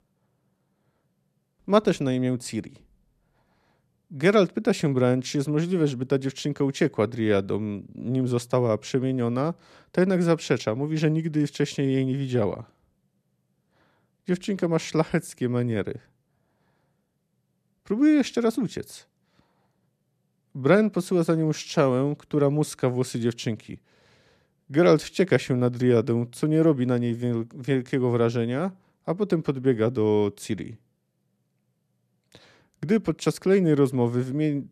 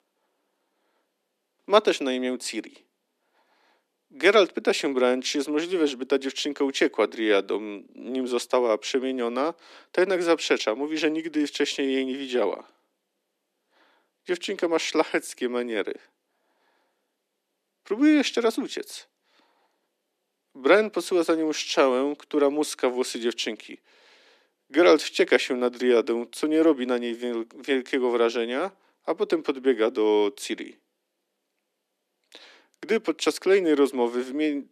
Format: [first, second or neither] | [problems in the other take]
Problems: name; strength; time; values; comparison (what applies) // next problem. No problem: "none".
first | thin; somewhat; fading below 250 Hz